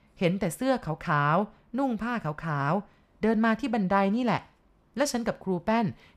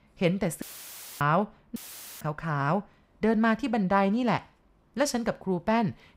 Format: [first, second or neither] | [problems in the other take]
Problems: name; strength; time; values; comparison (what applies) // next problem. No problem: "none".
first | audio cutting out; filled with static; at 0.5 s for 0.5 s and at 2 s